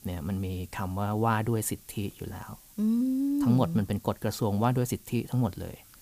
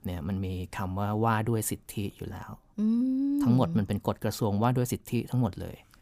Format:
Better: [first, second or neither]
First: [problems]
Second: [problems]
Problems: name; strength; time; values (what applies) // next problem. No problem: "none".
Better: second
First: hiss; faint; throughout; 25 dB below the speech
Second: none